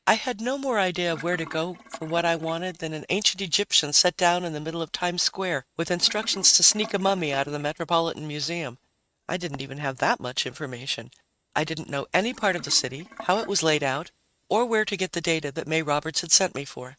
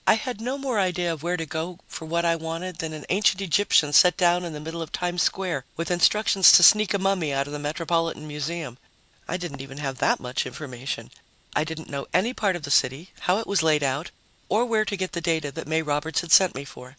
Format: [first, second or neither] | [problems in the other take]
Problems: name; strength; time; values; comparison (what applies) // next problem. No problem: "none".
second | noise reduction (neural mask model RNNoise)